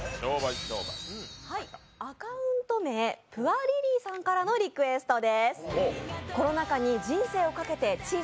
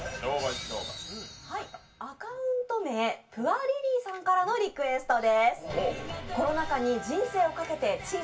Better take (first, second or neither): first